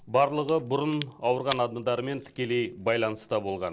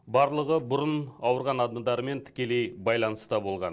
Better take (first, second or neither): second